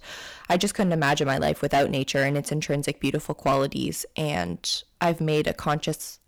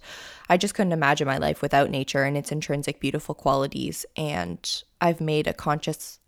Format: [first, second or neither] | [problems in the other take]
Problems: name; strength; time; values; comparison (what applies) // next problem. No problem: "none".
second | distortion; slight; 5% of the sound clipped